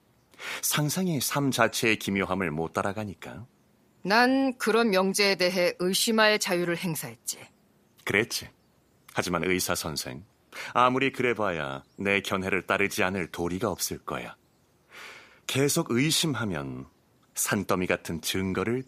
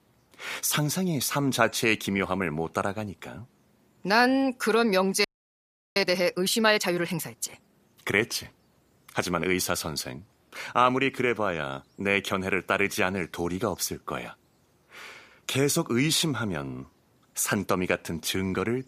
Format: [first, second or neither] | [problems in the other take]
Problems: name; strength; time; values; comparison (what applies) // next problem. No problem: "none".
first | audio freezing; at 5.5 s for 0.5 s